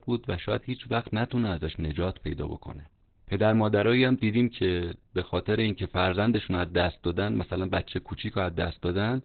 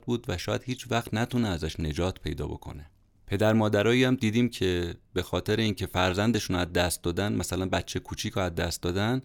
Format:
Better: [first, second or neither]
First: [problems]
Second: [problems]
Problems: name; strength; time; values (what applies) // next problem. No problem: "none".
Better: second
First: garbled, watery; badly; nothing above 4 kHz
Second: none